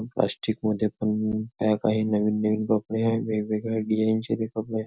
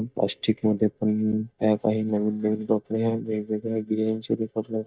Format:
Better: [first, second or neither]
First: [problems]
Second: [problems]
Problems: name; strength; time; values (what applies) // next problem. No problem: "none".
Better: first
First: none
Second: noise reduction (neural mask model DeepFilterNet 3)